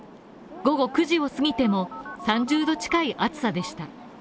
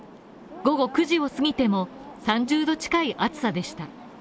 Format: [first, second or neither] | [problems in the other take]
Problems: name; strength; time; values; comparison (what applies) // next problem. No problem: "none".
second | background sound (Telephone); 15 dB below the speech